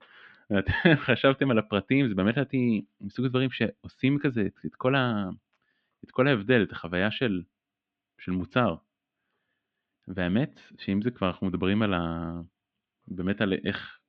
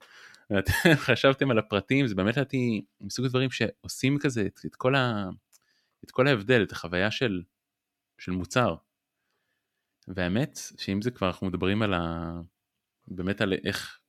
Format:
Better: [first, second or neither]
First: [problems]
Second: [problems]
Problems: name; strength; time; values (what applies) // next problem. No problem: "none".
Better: second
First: muffled; very; fading above 3.5 kHz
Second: none